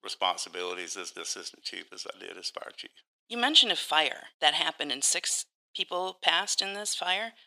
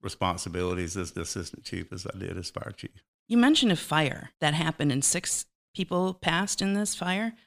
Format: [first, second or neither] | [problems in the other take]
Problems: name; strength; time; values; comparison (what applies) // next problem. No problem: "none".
second | thin; very; fading below 400 Hz